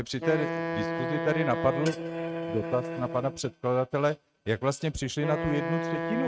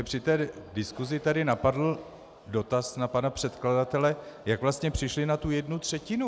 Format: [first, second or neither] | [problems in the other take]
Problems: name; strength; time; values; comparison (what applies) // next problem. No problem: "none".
second | noise reduction (neural mask model RNNoise)